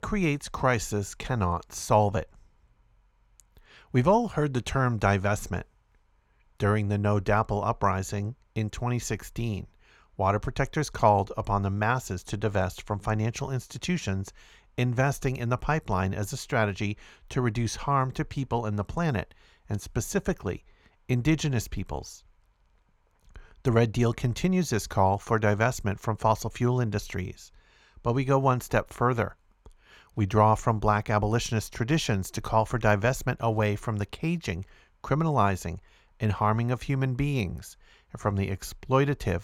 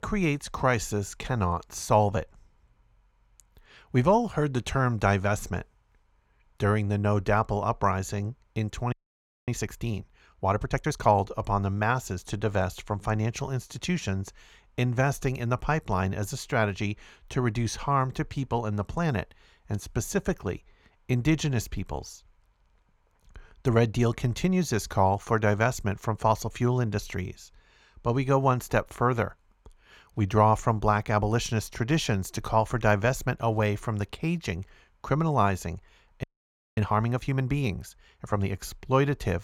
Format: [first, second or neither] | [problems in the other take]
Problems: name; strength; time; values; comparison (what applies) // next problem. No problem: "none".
first | audio freezing; at 9 s for 0.5 s and at 36 s for 0.5 s